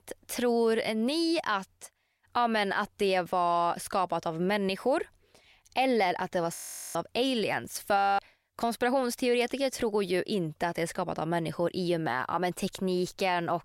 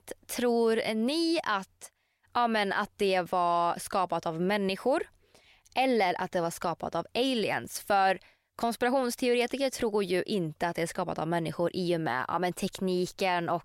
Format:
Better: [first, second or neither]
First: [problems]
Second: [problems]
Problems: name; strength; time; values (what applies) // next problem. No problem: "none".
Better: second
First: audio freezing; at 6.5 s and at 8 s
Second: none